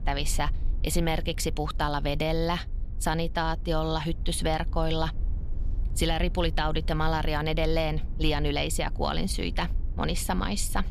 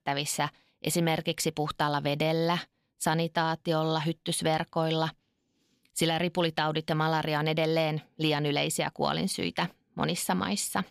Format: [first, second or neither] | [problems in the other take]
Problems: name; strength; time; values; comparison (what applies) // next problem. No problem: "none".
second | low rumble; faint; throughout; 25 dB below the speech